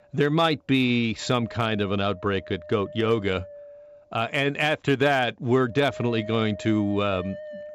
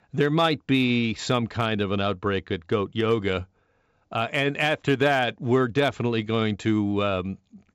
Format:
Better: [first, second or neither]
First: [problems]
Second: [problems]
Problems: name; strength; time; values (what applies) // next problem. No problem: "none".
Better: second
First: wind noise on the microphone; occasional gusts; 15 dB below the speech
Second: none